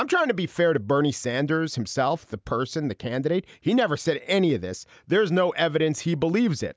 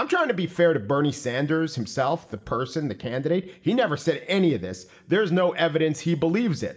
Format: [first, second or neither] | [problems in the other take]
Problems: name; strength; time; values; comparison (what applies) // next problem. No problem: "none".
first | room echo; dies away in 0.6 s